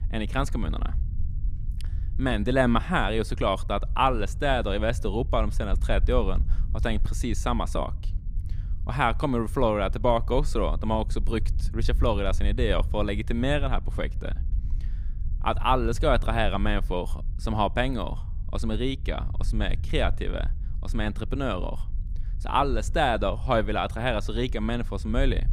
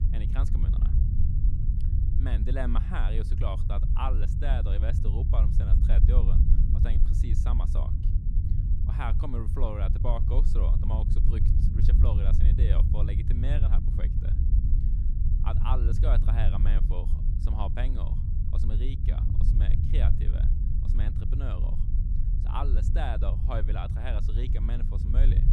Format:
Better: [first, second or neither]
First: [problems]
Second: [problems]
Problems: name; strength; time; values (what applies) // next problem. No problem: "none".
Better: first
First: low rumble; faint; throughout; 25 dB below the speech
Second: low rumble; loud; throughout; 4 dB below the speech